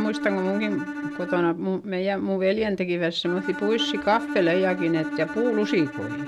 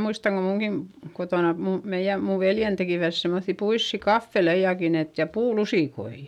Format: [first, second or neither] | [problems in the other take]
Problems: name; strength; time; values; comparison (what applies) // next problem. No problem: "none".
second | background sound (Bowed string instrument); 8 dB below the speech